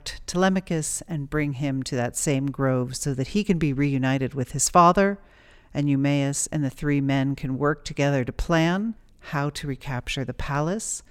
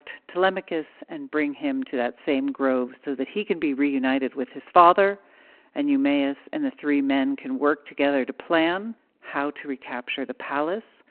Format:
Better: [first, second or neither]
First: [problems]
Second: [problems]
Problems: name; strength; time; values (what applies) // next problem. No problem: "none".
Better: first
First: none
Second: phone-call audio